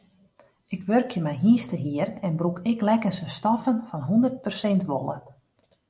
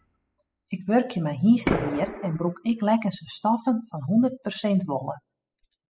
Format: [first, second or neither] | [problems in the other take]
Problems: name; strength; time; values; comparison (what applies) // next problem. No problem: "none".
first | noise reduction (classical method spectral subtraction)